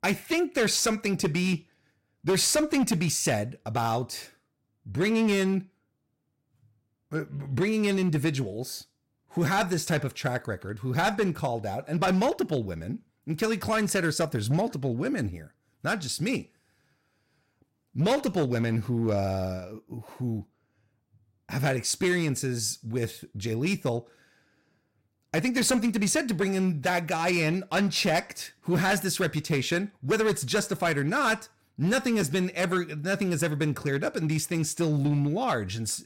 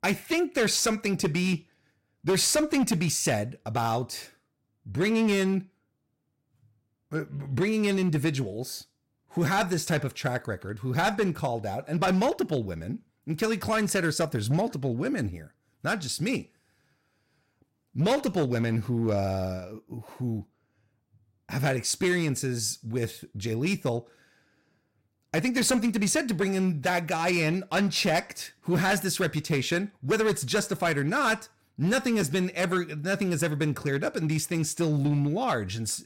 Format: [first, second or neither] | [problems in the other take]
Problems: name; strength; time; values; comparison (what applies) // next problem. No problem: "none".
neither | distortion; slight; 6% of the sound clipped; the same in both